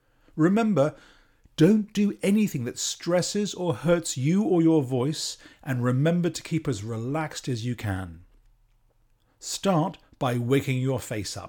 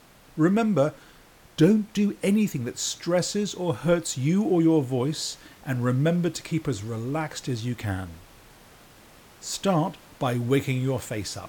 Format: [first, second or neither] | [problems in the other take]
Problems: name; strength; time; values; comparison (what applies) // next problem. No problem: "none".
first | hiss; faint; throughout; 25 dB below the speech